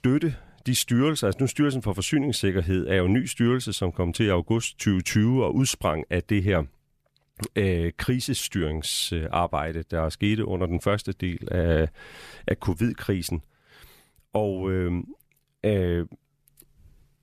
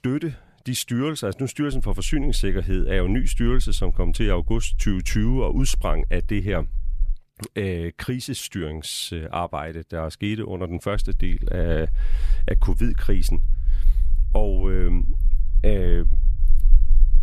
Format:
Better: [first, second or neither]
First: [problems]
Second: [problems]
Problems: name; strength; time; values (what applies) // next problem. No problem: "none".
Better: first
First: none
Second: low rumble; faint; from 1.5 to 7 s and from 11 s on; 25 dB below the speech